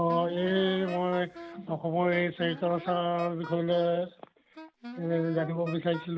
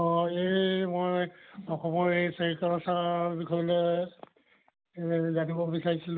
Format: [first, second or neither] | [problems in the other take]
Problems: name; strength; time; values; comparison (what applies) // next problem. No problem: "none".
second | background sound (Squeak + Wind instrument, woodwind instrument); 16 dB below the speech